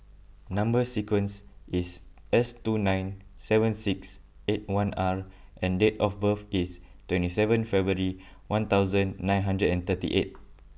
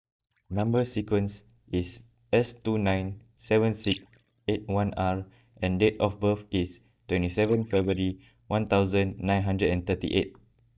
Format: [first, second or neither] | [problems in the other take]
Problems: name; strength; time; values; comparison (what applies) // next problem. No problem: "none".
first | noise reduction (neural mask model DeepFilterNet 3)